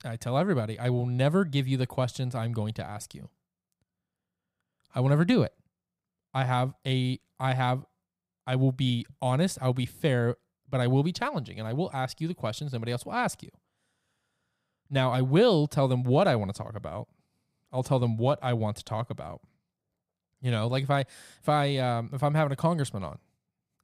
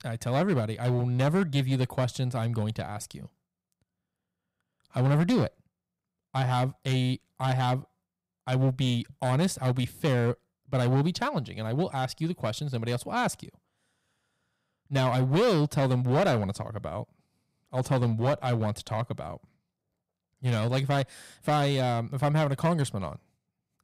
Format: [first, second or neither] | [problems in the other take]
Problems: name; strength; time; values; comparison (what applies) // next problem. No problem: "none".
first | distortion; slight; 7% of the sound clipped